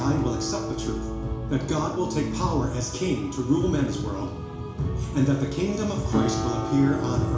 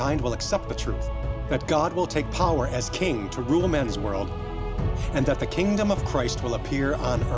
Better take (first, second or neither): second